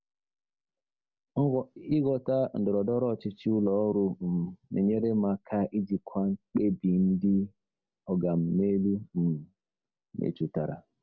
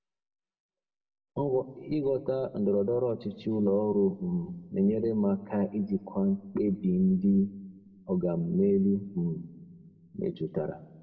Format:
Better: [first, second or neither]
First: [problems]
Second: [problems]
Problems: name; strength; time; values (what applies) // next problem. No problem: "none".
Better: first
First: none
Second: room echo; dies away in 0.8 s